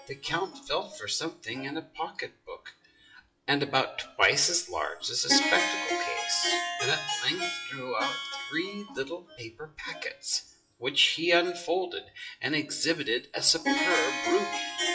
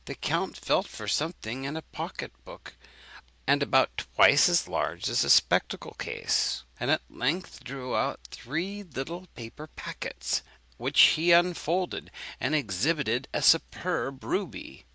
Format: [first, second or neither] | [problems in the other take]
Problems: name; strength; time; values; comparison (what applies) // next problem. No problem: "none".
second | noise reduction (classical method WPE with log-MMSE)